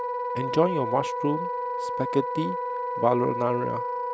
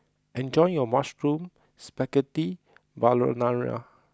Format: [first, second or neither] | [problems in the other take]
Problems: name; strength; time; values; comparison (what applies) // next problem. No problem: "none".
second | background sound (Wind instrument, woodwind instrument); 2 dB below the speech